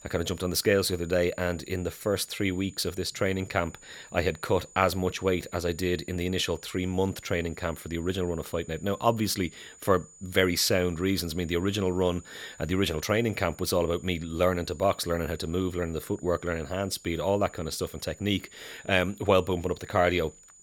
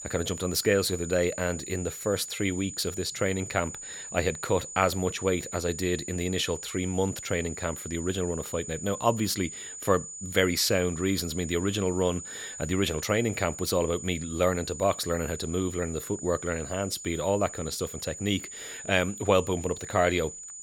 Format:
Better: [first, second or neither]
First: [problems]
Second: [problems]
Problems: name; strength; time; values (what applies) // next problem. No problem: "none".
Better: first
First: high-pitched whine; faint; throughout; 7 kHz, 20 dB below the speech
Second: high-pitched whine; loud; throughout; 7 kHz, 10 dB below the speech